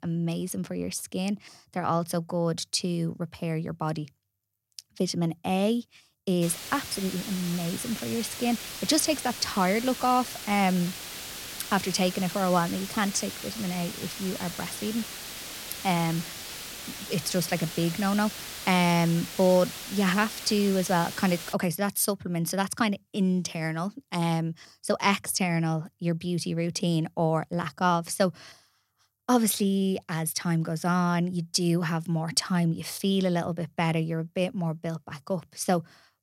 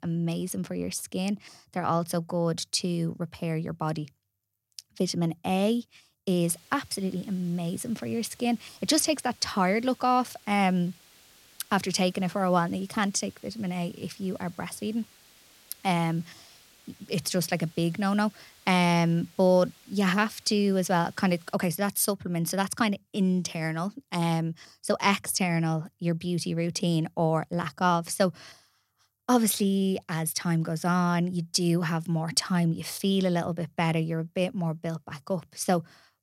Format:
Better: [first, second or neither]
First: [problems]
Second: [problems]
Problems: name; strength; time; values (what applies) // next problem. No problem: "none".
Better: second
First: hiss; loud; from 6.5 to 22 s; 9 dB below the speech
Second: hiss; faint; from 6.5 to 22 s; 25 dB below the speech